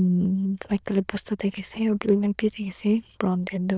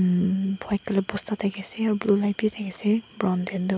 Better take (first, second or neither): second